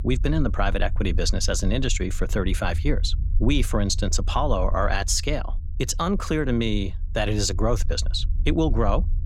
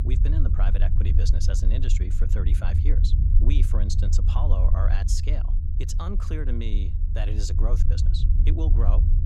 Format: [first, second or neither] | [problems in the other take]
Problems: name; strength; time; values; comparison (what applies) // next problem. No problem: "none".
first | low rumble; loud; throughout; 4 dB below the speech; faint in the first